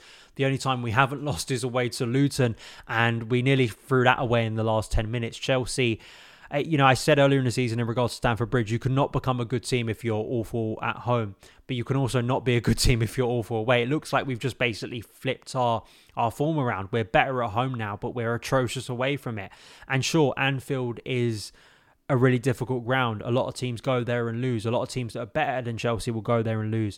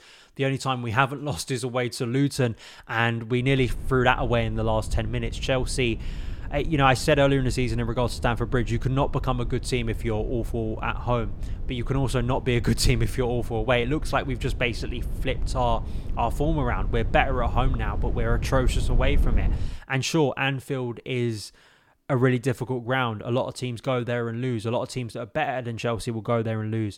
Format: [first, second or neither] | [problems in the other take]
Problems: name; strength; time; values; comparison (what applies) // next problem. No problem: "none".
first | low rumble; faint; from 3.5 to 20 s; 20 dB below the speech